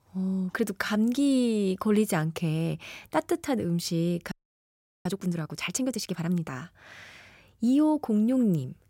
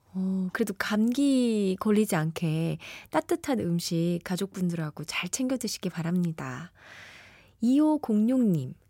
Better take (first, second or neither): second